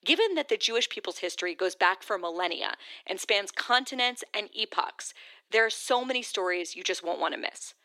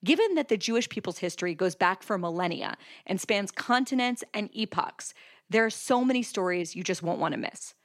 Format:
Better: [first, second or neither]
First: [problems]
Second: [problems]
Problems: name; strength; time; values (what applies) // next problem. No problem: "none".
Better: second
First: thin; somewhat; fading below 350 Hz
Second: none